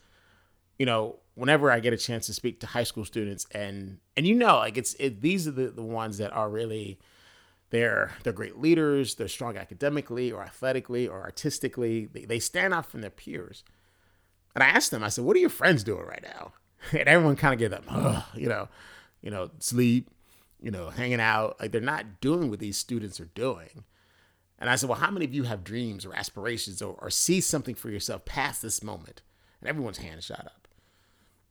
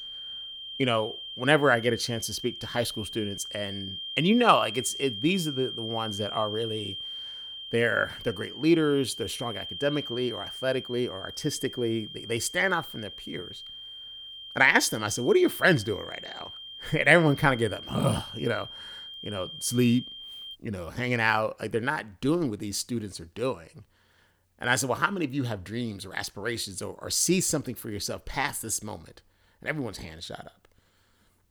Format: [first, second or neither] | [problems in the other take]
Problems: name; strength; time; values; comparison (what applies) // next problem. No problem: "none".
first | high-pitched whine; noticeable; until 21 s; 3 kHz, 10 dB below the speech